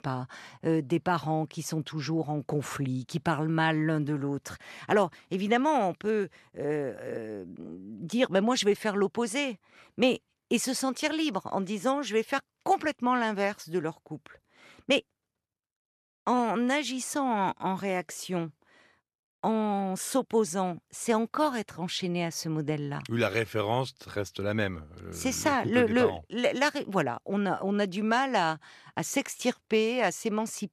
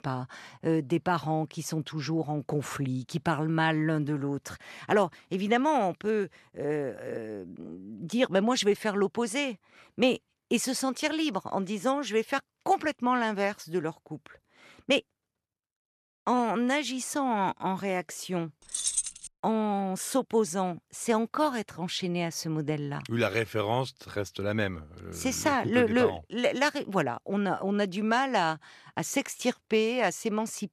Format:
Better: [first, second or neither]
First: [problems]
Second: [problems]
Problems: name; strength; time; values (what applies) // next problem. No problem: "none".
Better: first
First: none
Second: jangling keys; loud; at 19 s; peak 1 dB above the speech